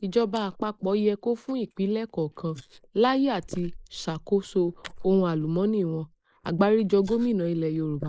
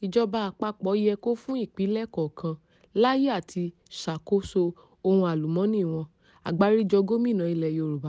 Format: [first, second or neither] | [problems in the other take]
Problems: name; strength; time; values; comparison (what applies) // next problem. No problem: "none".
second | noise reduction (neural mask model Resemble Enhance denoiser)